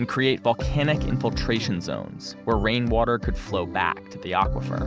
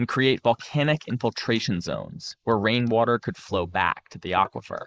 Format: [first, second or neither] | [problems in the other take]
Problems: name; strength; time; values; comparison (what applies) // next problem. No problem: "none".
first | noise reduction (neural mask model Resemble Enhance denoiser)